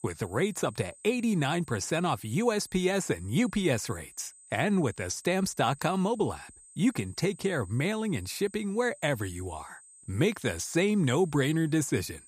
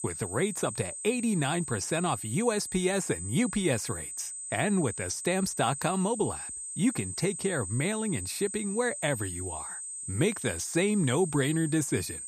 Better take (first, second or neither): first